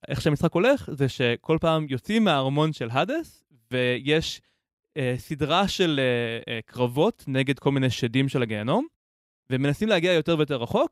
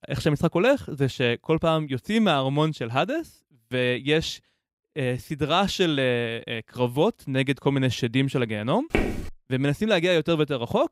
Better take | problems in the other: first | footsteps; noticeable; at 9 s; peak 2 dB below the speech

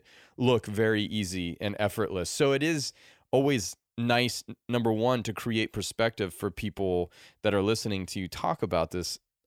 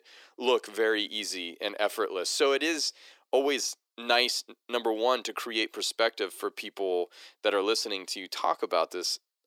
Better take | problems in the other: first | thin; somewhat; fading below 300 Hz

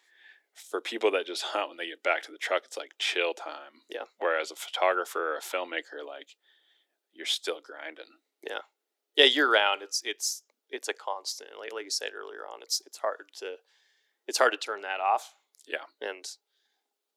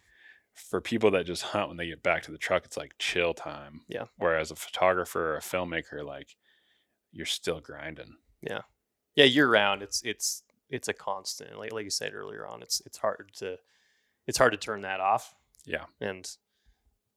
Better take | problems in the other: second | thin; somewhat; fading below 300 Hz

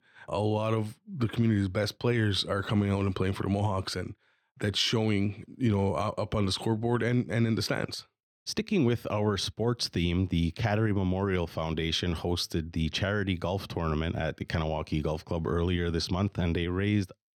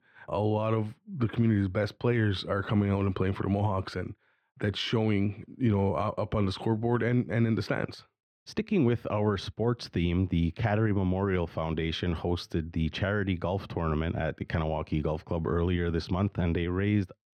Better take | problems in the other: first | muffled; slightly; fading above 4 kHz

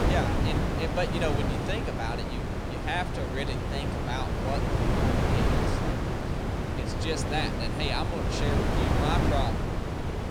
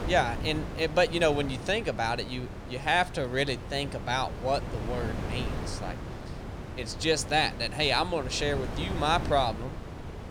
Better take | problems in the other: second | wind noise on the microphone; heavy; 1 dB above the speech; occasional gusts in the second

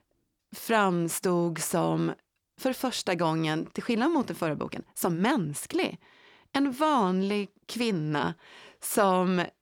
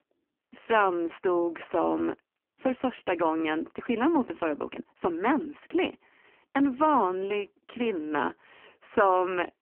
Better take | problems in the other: first | phone-call audio; poor line; nothing above 3 kHz

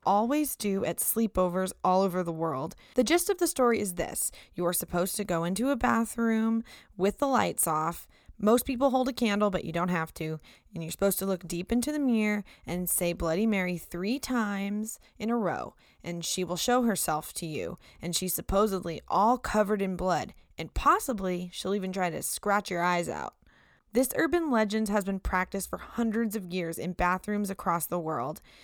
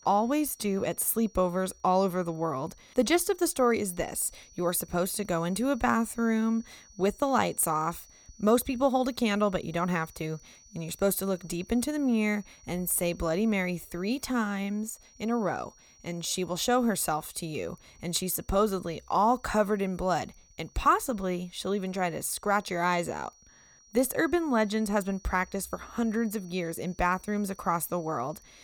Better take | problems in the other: first | high-pitched whine; faint; throughout; 6 kHz, 25 dB below the speech

